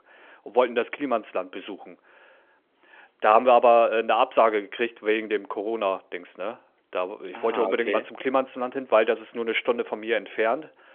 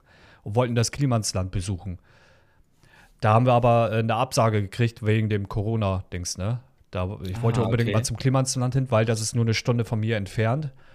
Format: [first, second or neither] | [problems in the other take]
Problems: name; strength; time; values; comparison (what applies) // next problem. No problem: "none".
second | phone-call audio; nothing above 3.5 kHz